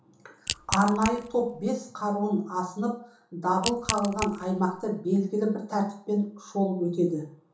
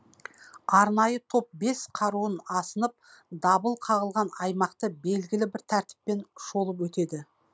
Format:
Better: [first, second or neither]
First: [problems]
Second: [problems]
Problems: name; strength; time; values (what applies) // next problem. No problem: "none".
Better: second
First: background sound (Crack / Crushing); 7 dB below the speech // room echo; dies away in 1.2 s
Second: none